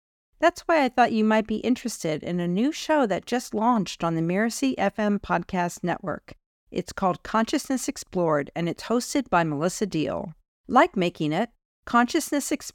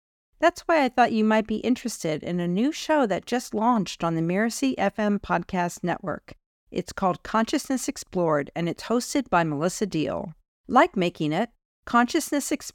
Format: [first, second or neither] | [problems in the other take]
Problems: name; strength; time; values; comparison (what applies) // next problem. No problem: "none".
neither | none